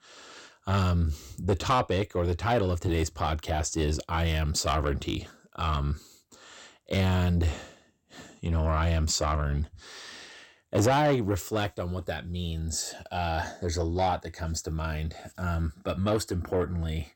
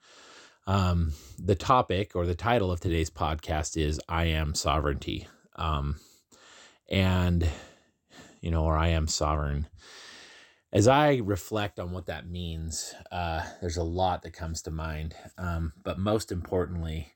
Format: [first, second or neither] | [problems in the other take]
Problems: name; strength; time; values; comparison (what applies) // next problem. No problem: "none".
second | distortion; slight; 10 dB below the speech